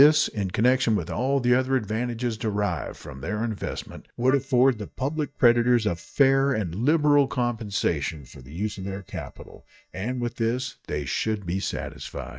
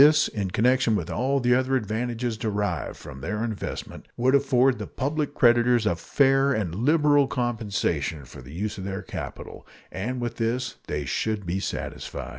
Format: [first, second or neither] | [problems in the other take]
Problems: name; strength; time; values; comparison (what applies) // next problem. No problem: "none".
second | noise reduction (neural mask model DeepFilterNet 3)